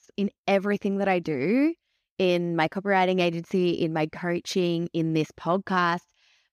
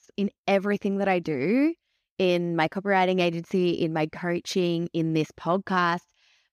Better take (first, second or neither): neither